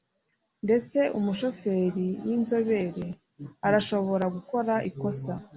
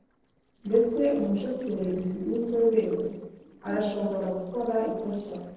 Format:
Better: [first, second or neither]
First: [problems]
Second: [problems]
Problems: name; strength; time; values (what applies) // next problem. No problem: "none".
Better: first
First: none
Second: noise reduction (neural separator model SepFormer DNS4)